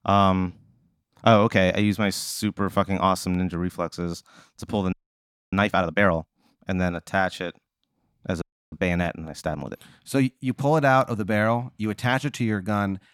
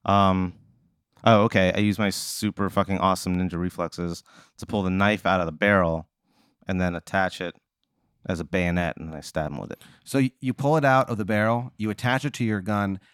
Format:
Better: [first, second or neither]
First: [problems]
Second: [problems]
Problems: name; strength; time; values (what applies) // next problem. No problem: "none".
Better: second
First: audio freezing; at 5 s for 0.5 s and at 8.5 s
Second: none